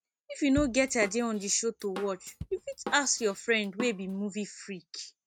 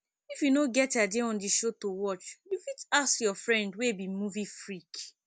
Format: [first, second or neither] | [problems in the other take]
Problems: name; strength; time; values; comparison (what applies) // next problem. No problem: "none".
second | noise reduction (neural mask model RNNoise)